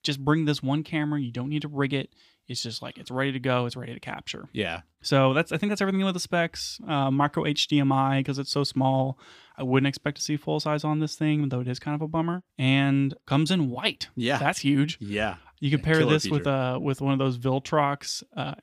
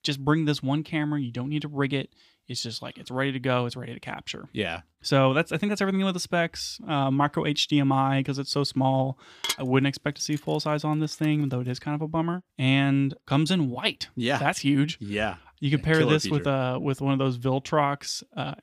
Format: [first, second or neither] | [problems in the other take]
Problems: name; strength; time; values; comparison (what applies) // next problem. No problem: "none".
first | clattering dishes; noticeable; from 9.5 to 11 s; peak 4 dB below the speech